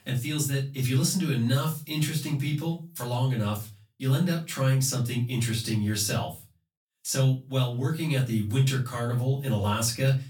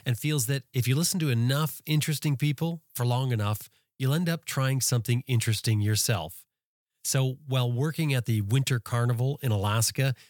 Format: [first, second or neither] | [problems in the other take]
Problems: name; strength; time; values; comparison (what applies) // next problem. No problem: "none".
second | off-mic speech; far // room echo; very slight; dies away in 0.3 s